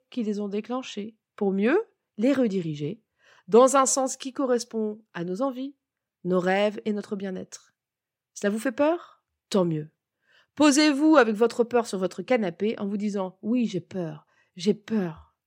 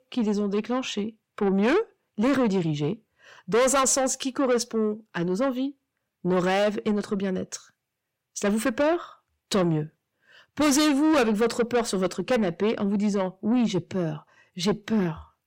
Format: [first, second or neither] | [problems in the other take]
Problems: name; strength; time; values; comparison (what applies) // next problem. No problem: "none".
first | distortion; heavy; 6 dB below the speech